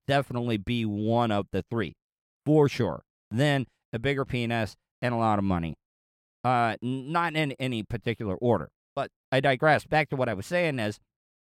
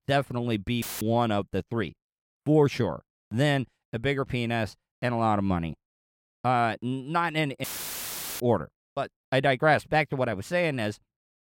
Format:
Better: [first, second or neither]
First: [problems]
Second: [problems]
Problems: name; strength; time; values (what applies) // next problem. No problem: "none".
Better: first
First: none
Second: audio cutting out; filled with static; at 1 s and at 7.5 s for 1 s